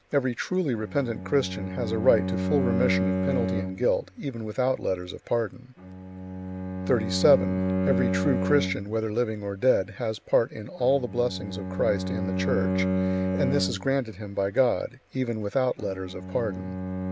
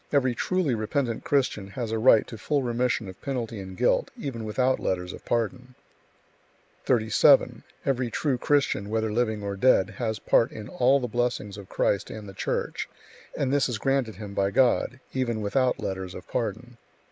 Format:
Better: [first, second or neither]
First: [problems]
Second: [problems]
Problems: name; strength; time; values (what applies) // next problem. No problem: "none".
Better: second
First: background sound (Bowed string instrument); 3 dB below the speech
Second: none